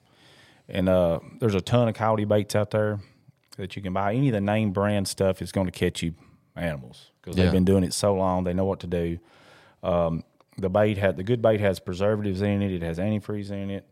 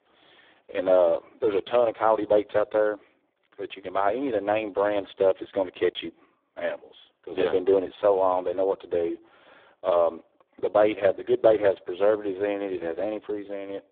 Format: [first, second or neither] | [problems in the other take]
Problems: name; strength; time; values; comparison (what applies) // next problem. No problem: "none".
first | phone-call audio; poor line